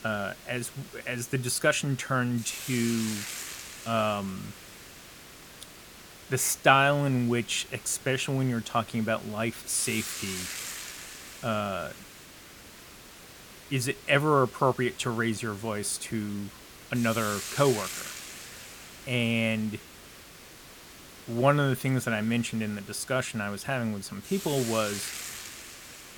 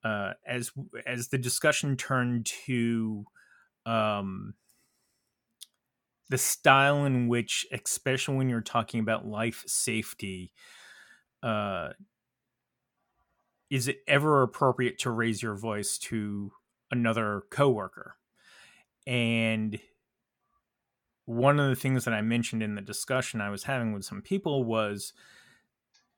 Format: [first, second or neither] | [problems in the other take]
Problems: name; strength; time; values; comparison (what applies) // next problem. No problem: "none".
second | hiss; noticeable; throughout; 15 dB below the speech